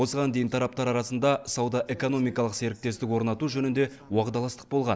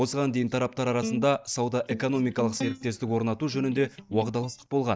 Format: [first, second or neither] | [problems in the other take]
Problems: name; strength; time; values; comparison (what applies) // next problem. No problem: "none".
first | noise reduction (neural mask model DeepFilterNet 3)